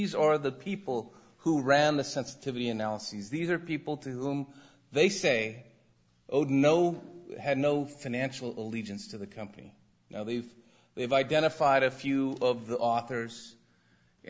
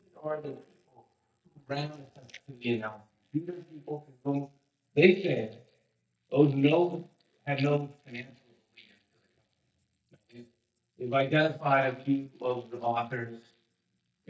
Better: first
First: none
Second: noise reduction (neural mask model DeepFilterNet 3)

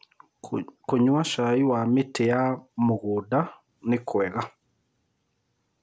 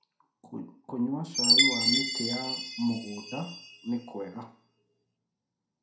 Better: first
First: none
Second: background sound (Chime); 4 dB above the speech // room echo; dies away in 0.4 s

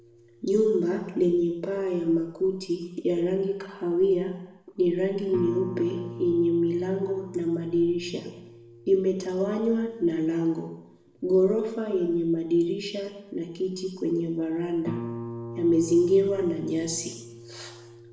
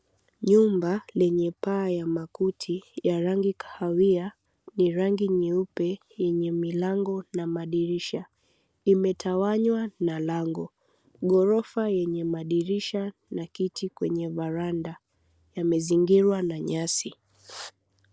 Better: second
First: background sound (Guitar); 16 dB below the speech // room echo; dies away in 0.8 s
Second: none

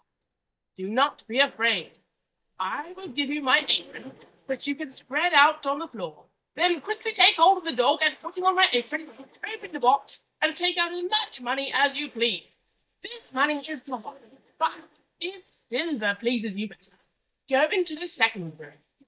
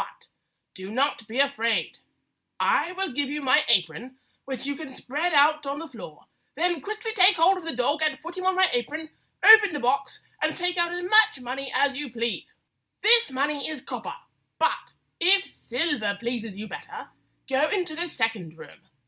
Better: second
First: noise reduction (neural mask model DeepFilterNet 3)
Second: none

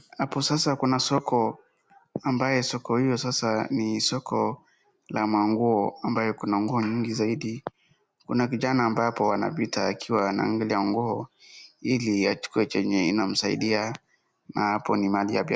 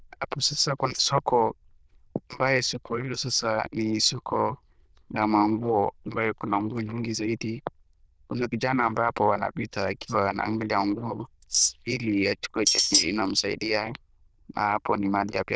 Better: first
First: none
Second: noise reduction (neural diffusion model UNIVERSE++)

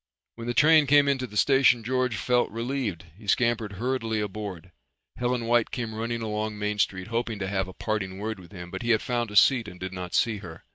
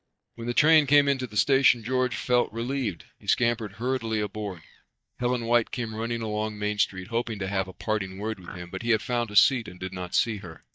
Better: first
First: none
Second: noise reduction (neural mask model DeepFilterNet 3)

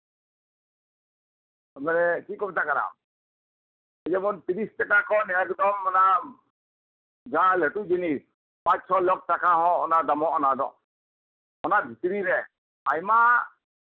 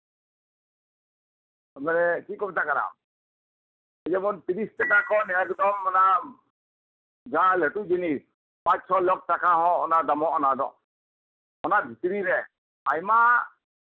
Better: first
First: none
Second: background sound (Dishes, pots, and pans / Chink, clink); 10 dB below the speech

